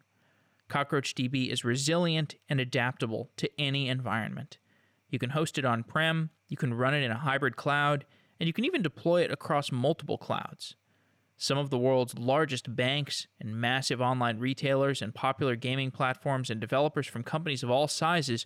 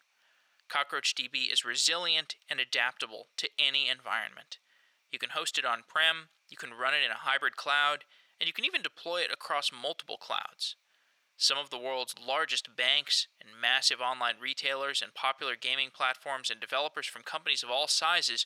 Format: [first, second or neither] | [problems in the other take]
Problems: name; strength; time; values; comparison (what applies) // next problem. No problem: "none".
first | thin; very; fading below 900 Hz